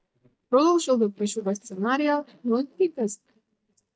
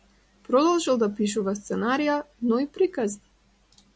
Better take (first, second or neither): second